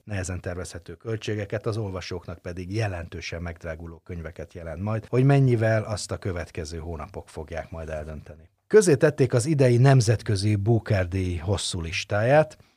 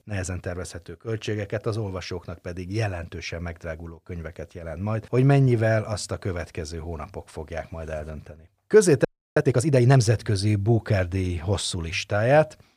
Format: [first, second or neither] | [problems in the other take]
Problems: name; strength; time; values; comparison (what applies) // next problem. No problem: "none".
first | audio freezing; at 9 s